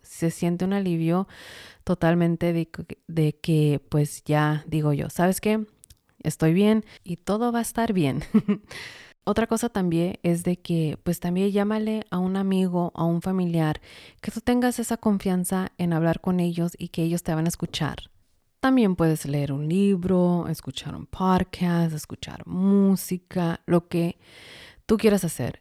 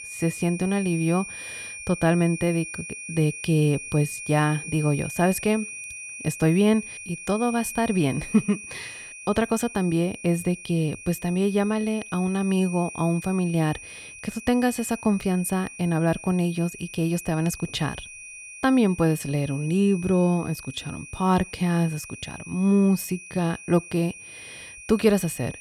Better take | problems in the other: first | high-pitched whine; noticeable; throughout; 2.5 kHz, 10 dB below the speech

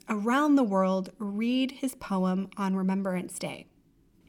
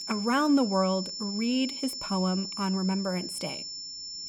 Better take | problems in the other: first | high-pitched whine; loud; throughout; 5.5 kHz, 6 dB below the speech

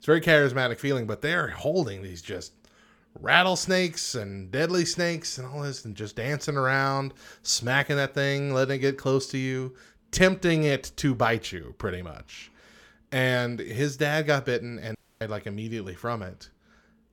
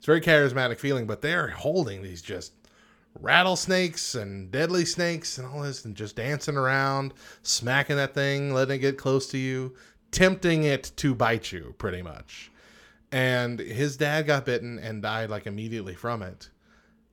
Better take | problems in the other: second | audio cutting out; at 15 s

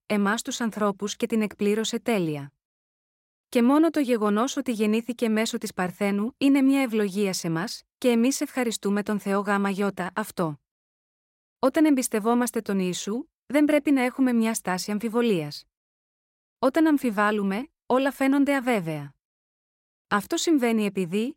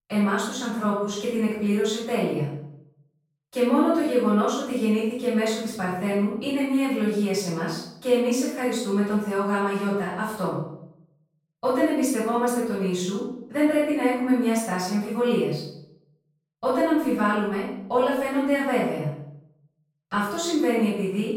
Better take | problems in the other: first | off-mic speech; far // room echo; strong; dies away in 0.6 s

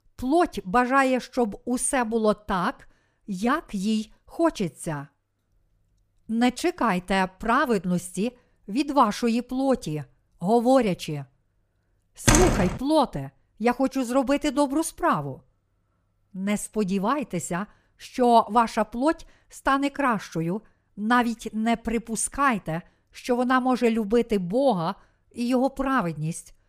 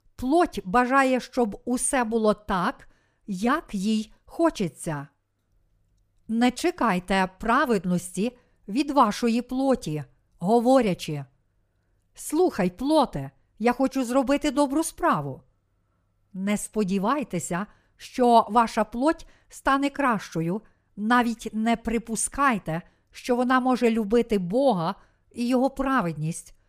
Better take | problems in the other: second | door banging; loud; at 12 s; peak 5 dB above the speech

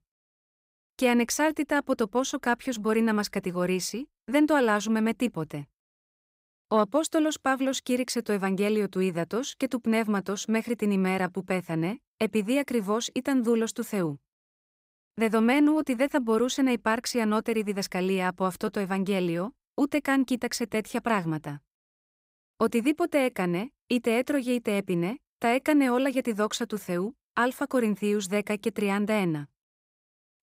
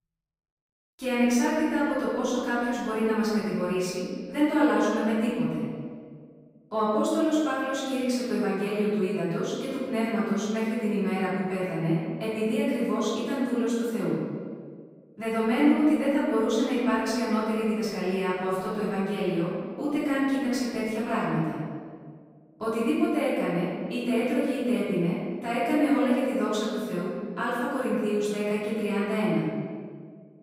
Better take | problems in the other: first | room echo; strong; dies away in 1.7 s // off-mic speech; far

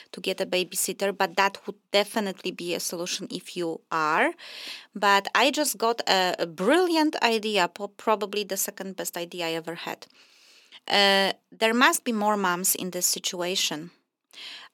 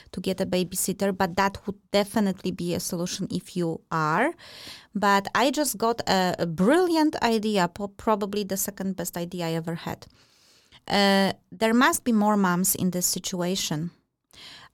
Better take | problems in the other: second | thin; very slightly; fading below 250 Hz

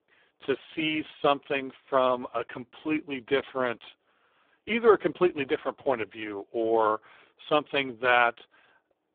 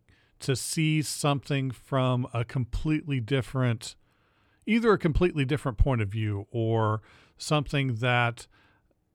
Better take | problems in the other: second | phone-call audio; poor line; nothing above 3.5 kHz

